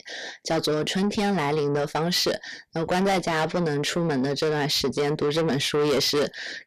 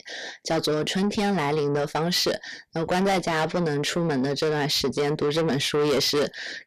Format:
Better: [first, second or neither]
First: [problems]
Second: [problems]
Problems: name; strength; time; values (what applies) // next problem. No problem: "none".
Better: neither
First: distortion; heavy; 7 dB below the speech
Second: distortion; heavy; 7 dB below the speech